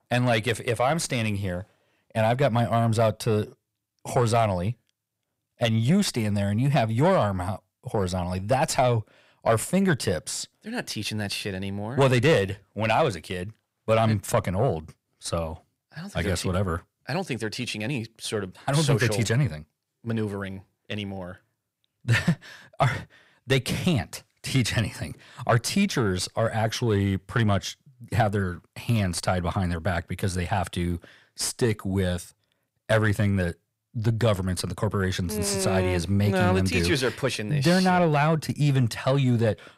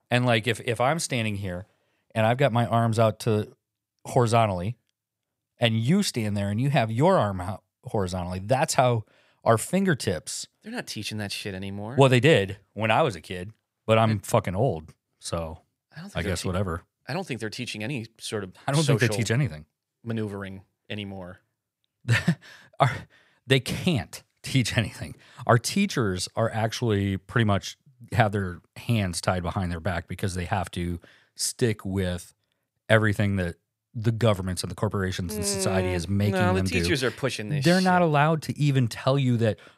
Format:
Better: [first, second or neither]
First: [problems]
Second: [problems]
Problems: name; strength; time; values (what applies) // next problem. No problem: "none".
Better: second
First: distortion; slight; 10 dB below the speech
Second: none